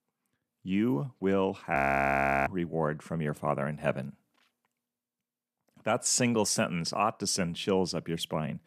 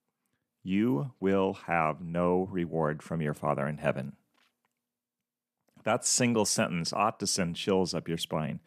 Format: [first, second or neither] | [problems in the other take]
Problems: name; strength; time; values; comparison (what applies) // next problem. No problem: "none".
second | audio freezing; at 2 s for 0.5 s